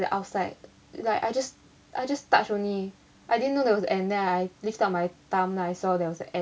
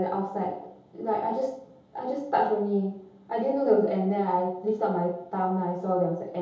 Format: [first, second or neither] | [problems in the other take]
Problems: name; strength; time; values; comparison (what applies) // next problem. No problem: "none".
first | room echo; dies away in 0.8 s